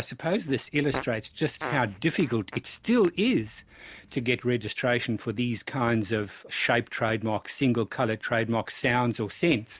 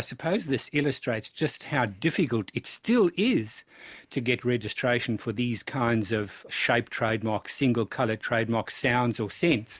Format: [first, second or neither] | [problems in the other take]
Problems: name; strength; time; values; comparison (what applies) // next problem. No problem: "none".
second | background sound (Fart); 14 dB below the speech